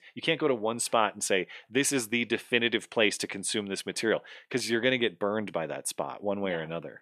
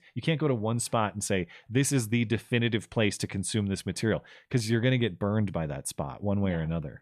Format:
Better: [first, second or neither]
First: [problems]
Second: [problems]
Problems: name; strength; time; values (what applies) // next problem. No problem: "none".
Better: second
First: thin; somewhat; fading below 350 Hz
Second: none